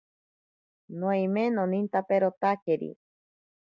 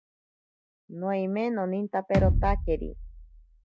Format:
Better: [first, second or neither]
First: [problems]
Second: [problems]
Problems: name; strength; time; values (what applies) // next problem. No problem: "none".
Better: first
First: none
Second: background sound (Bass drum); 3 dB above the speech